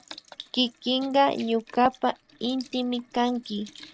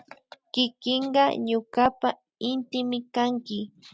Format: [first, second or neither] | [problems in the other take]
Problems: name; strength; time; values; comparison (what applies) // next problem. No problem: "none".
second | noise reduction (neural mask model RNNoise)